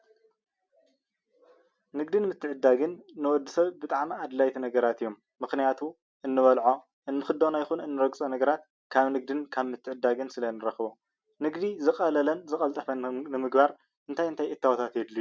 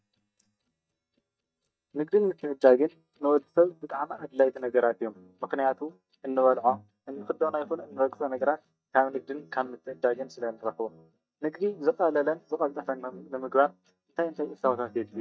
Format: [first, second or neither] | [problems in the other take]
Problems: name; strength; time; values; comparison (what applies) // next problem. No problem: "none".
first | noise reduction (neural mask model DeepFilterNet 3)